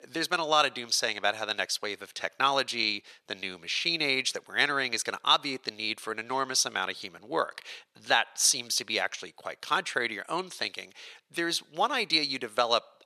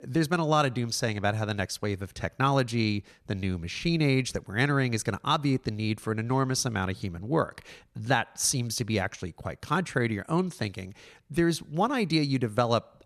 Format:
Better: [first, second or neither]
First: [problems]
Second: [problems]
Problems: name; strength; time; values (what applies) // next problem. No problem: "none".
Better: second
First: thin; very; fading below 550 Hz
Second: none